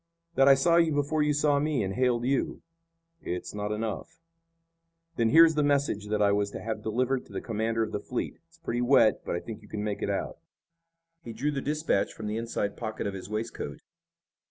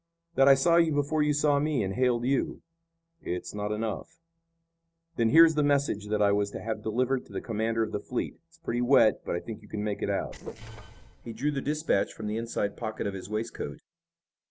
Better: first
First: none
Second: noise reduction (neural separator model SepFormer DNS4)

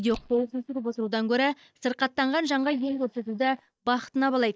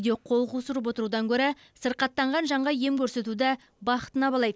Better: second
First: noise reduction (neural mask model DeepFilterNet 3)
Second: none

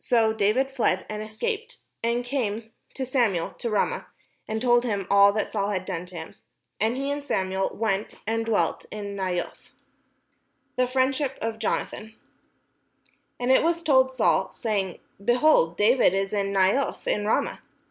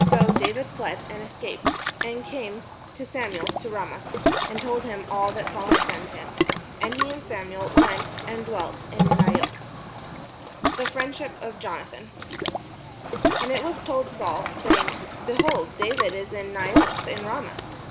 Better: first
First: none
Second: background sound (Ocean); 5 dB above the speech

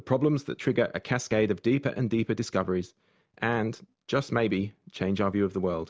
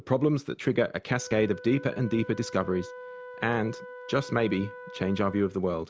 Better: first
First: none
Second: background sound (Wind instrument, woodwind instrument); 16 dB below the speech

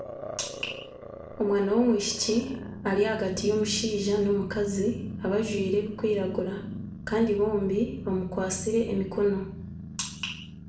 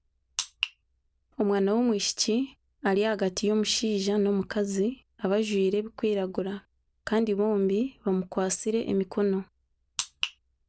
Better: second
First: background sound (Growling); 10 dB below the speech // room echo; dies away in 0.5 s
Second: none

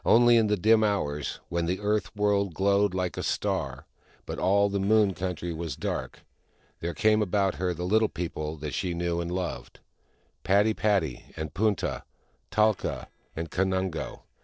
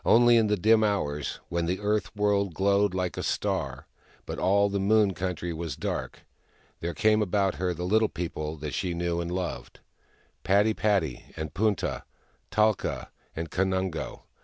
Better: second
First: noise reduction (neural separator model SepFormer DNS4)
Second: none

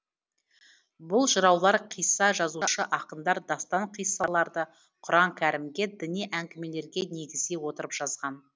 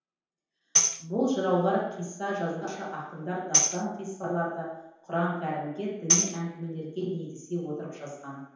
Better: first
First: none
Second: background sound (Tambourine); 2 dB above the speech // room echo; dies away in 0.9 s

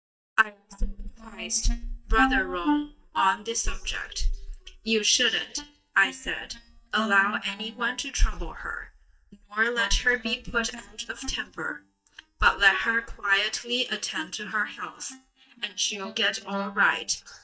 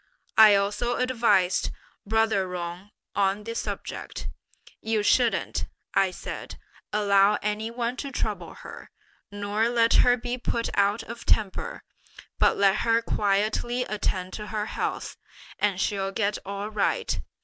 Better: second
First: noise reduction (neural mask model DeepFilterNet 3)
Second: none

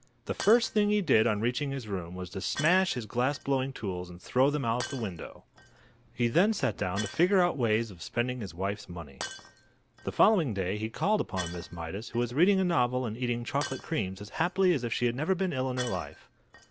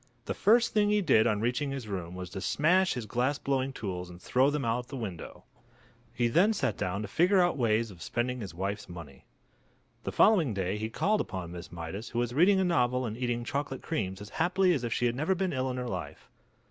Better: second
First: background sound (Shatter); 18 dB below the speech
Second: none

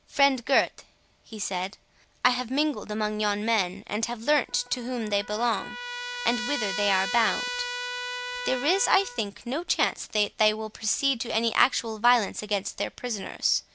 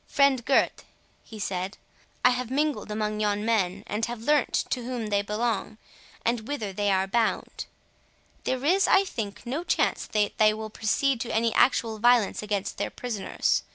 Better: second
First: background sound (Trumpet); 11 dB below the speech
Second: none

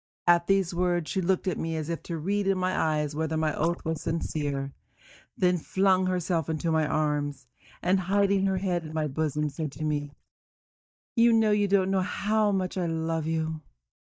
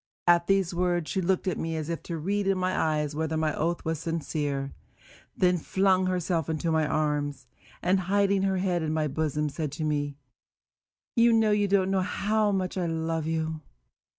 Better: second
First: noise reduction (neural mask model DeepFilterNet 3)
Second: none

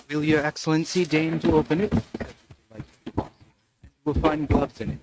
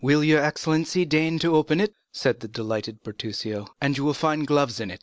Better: second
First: noise reduction (neural mask model RNNoise)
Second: none

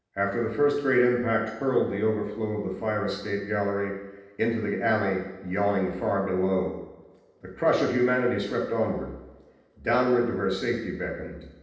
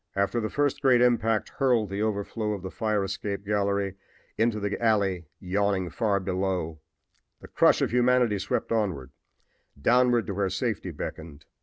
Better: second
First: room echo; dies away in 0.9 s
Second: none

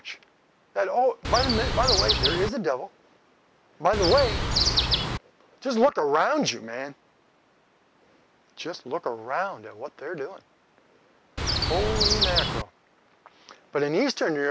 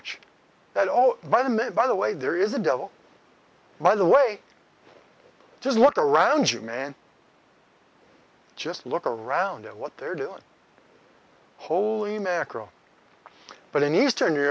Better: second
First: background sound (Chirp, tweet); 4 dB above the speech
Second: none

